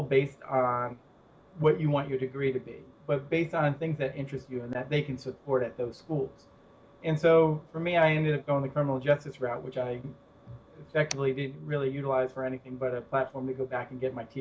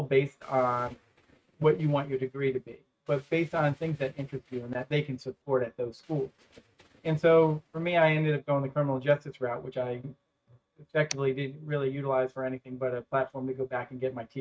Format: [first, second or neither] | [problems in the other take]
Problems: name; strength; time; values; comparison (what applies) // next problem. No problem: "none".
first | noise reduction (neural mask model RNNoise)